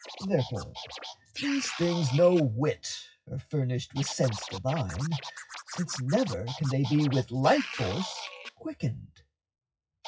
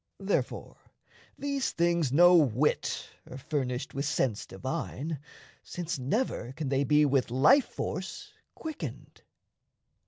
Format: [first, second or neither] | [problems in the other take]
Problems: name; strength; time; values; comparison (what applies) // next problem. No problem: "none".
second | noise reduction (classical method WPE with log-MMSE)